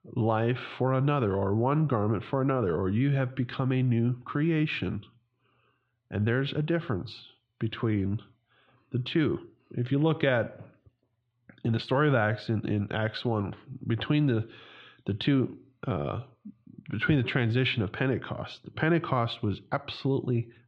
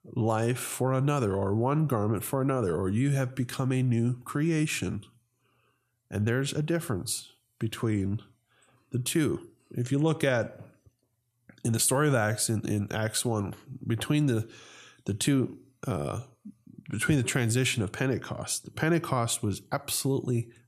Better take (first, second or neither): second